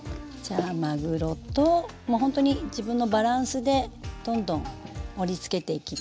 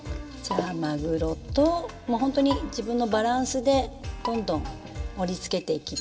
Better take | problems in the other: first | background sound (Bowed string instrument); 16 dB below the speech // room echo; dies away in 0.3 s

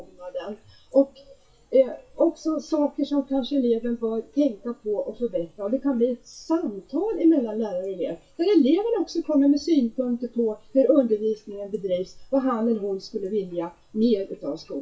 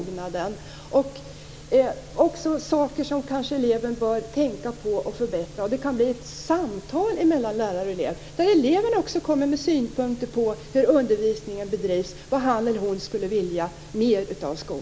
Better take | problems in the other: second | noise reduction (classical method WPE with log-MMSE)

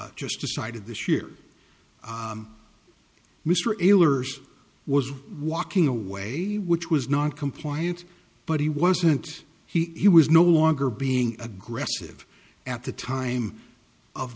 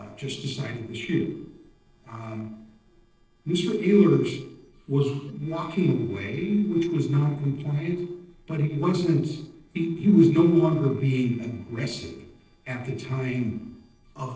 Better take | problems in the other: first | noise reduction (neural separator model SepFormer DNS4)

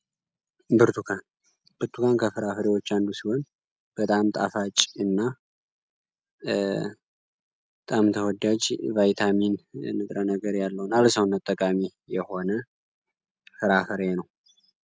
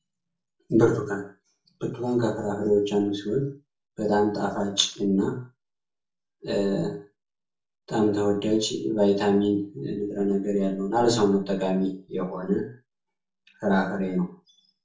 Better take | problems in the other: first | room echo; dies away in 0.4 s

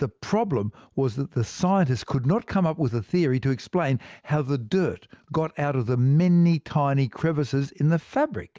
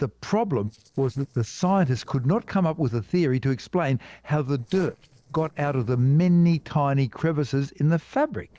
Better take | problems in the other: first | noise reduction (neural separator model SepFormer DNS4)

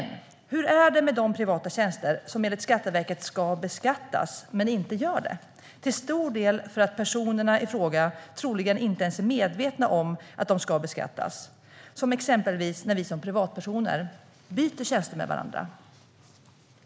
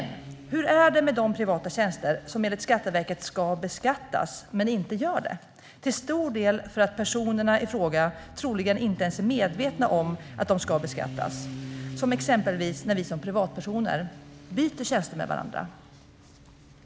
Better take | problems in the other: first | background sound (Motorcycle); 16 dB below the speech

